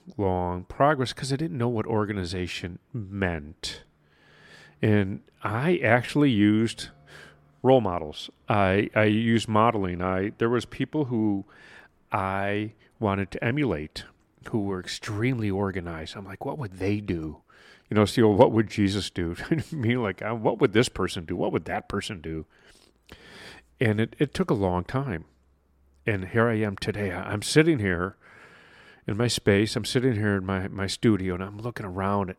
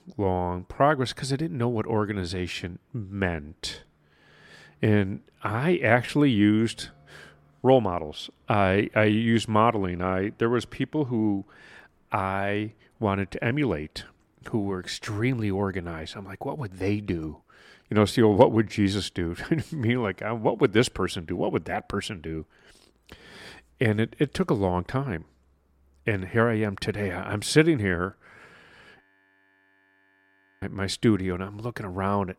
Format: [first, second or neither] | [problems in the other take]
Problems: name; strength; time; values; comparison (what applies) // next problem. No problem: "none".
first | audio freezing; at 29 s for 1.5 s